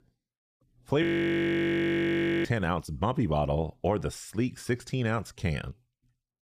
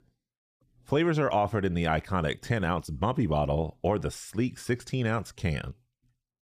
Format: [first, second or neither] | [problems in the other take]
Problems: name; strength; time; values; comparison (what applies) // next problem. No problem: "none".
second | audio freezing; at 1 s for 1.5 s